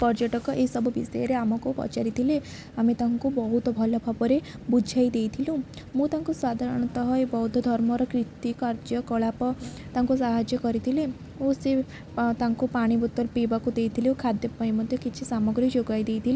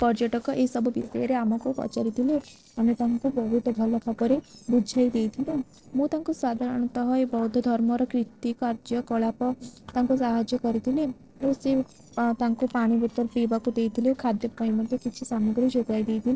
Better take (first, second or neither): first